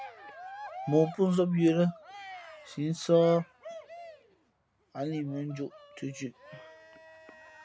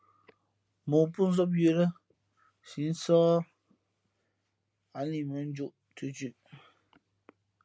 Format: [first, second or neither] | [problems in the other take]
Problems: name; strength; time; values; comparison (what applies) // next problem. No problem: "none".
second | background sound (Cheering); 16 dB below the speech